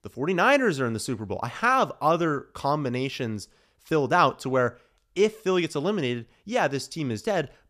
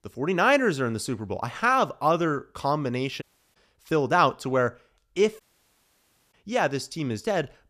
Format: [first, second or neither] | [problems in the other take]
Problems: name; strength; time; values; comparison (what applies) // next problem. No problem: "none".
first | audio cutting out; at 3 s and at 5.5 s for 1 s